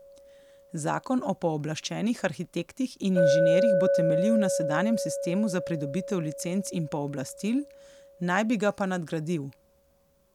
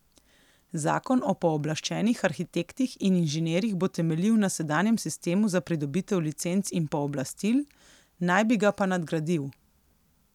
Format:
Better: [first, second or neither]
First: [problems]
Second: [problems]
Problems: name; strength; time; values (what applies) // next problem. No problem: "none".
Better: second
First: background sound (Chink, clink); 1 dB below the speech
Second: none